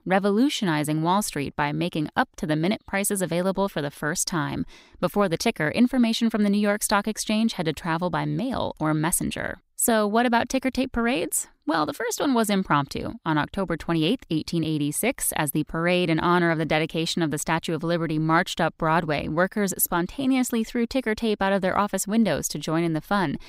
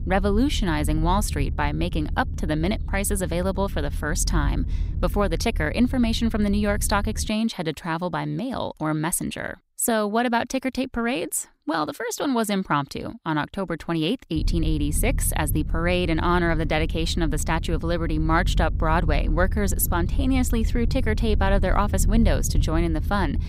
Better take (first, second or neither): first